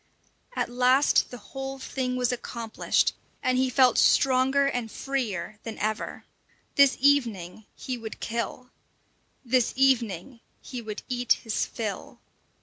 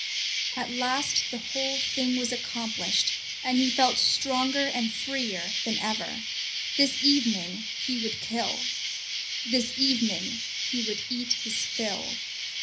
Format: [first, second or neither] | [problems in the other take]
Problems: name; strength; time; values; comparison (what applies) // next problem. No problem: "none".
first | background sound (Insect); 2 dB below the speech // room echo; dies away in 0.5 s